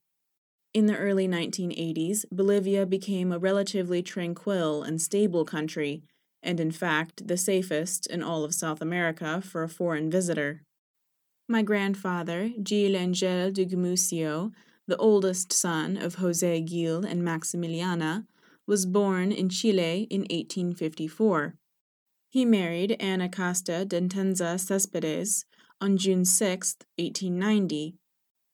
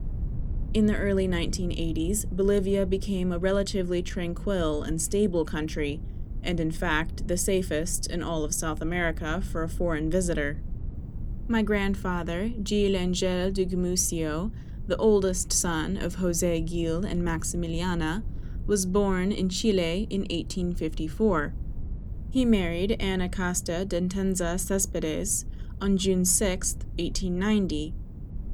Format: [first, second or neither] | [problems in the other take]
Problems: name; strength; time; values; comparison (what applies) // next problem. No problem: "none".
first | low rumble; faint; throughout; 20 dB below the speech